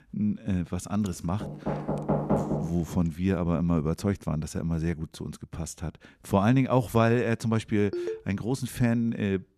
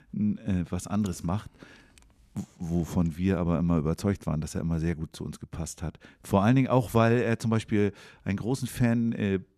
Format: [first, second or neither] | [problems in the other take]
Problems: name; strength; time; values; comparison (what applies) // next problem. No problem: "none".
second | door banging; loud; from 1.5 to 2.5 s; peak 1 dB above the speech // phone ringing; noticeable; at 8 s; peak 6 dB below the speech